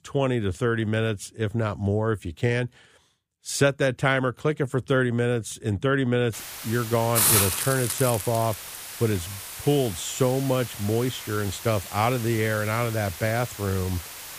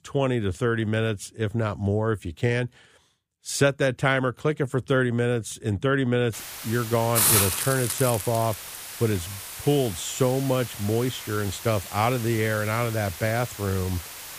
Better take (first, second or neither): neither